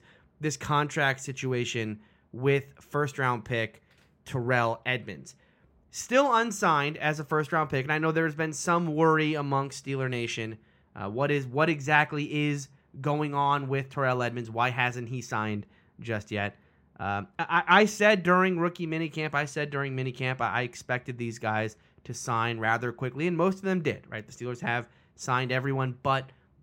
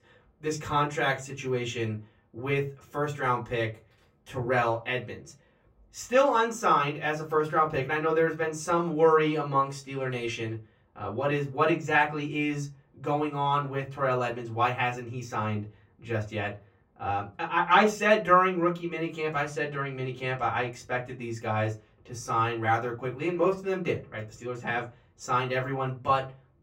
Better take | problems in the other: first | off-mic speech; far // room echo; very slight; dies away in 0.2 s

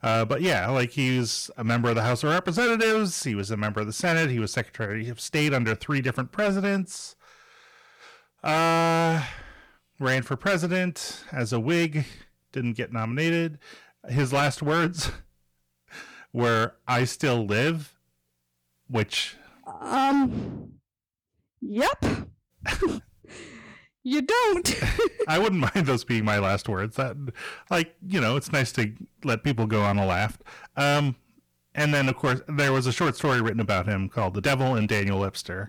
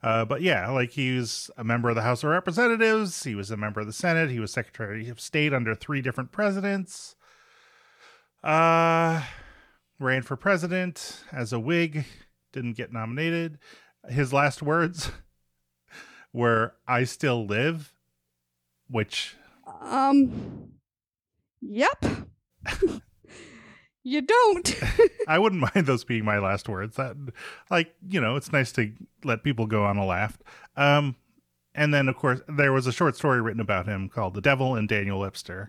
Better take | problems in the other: second | distortion; heavy; 11% of the sound clipped

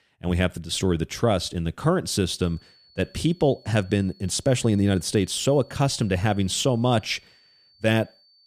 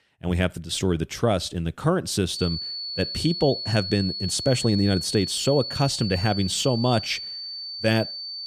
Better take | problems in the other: first | high-pitched whine; loud; from 2.5 s on; 4.5 kHz, 6 dB below the speech; faint in the first

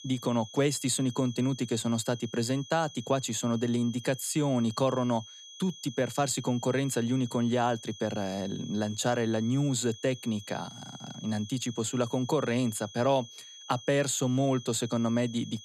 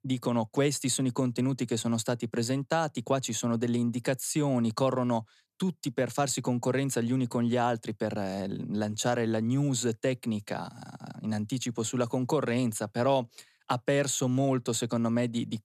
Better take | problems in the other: second | high-pitched whine; noticeable; throughout; 3.5 kHz, 15 dB below the speech

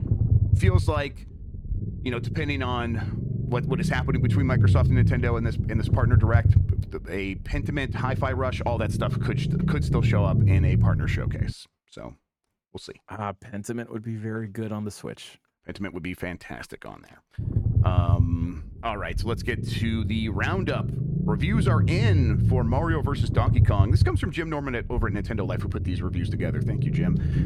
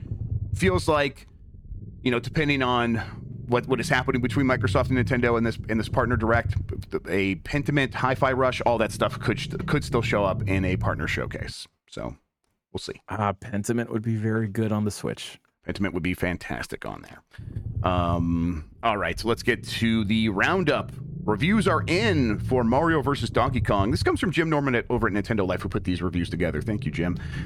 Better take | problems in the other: second | low rumble; loud; until 12 s and from 17 s on; 6 dB below the speech; faint in the second

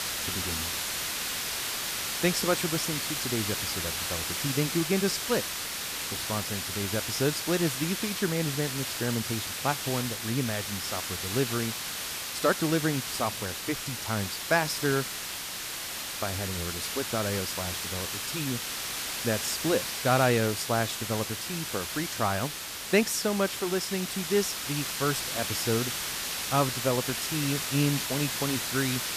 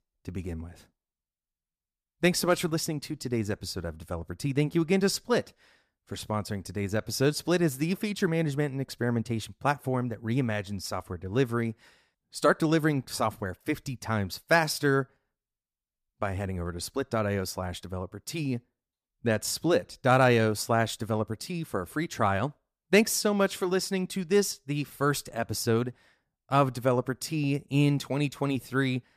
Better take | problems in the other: second | hiss; loud; throughout; 1 dB below the speech

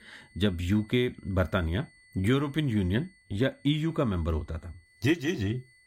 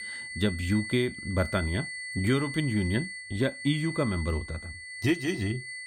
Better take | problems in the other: first | high-pitched whine; loud; throughout; 2 kHz, 7 dB below the speech; faint in the first

